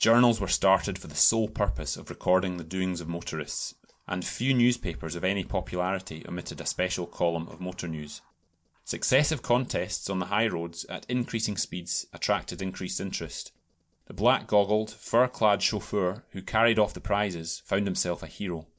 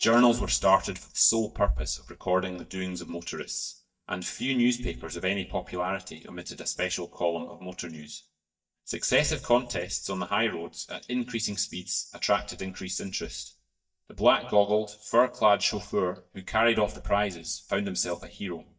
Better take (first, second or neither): first